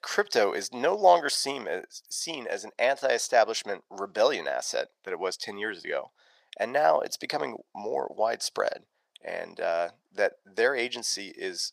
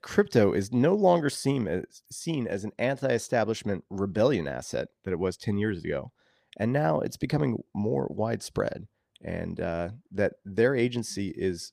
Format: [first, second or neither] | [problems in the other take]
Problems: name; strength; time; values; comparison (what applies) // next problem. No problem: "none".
second | thin; very; fading below 750 Hz